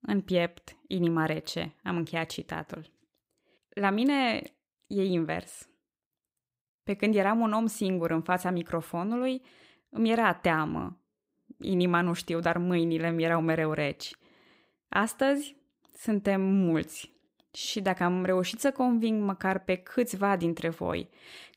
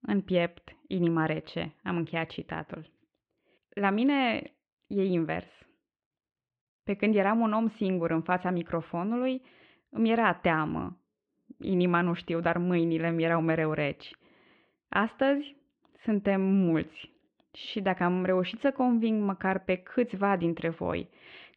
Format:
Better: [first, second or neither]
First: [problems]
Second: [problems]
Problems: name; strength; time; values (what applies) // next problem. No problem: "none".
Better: first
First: none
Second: muffled; slightly; fading above 3 kHz